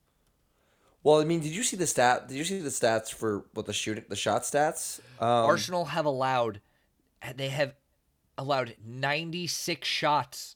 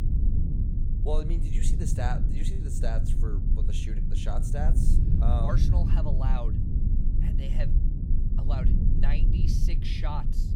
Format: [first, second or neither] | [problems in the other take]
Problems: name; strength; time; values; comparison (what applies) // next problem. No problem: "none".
first | low rumble; loud; throughout; 3 dB below the speech